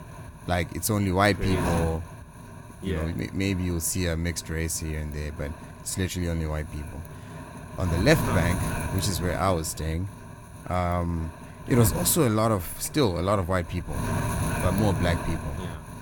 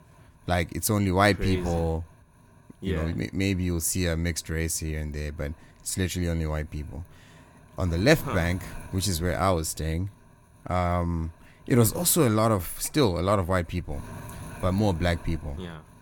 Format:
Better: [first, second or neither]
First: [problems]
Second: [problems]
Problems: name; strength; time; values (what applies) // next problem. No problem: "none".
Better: second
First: wind noise on the microphone; heavy; 9 dB below the speech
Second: wind noise on the microphone; occasional gusts; 20 dB below the speech